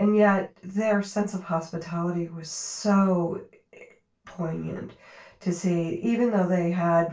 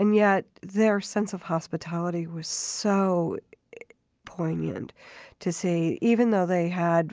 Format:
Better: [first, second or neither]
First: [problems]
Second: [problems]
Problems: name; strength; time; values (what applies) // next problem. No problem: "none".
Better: second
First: room echo; dies away in 0.2 s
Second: none